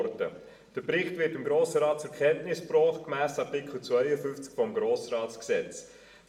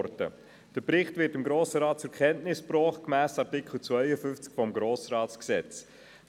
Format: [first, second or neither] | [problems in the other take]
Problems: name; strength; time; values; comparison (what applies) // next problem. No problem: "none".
second | room echo; dies away in 0.7 s